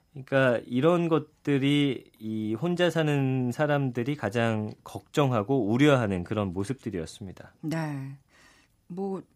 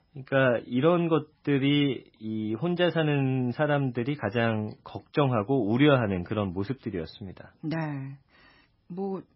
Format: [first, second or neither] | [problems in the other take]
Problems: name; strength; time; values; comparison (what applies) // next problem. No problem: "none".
first | garbled, watery; badly; nothing above 5.5 kHz